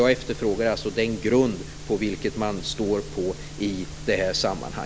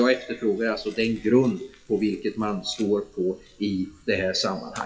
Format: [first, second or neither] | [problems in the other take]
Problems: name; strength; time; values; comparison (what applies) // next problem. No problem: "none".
first | noise reduction (classical method WPE with log-MMSE)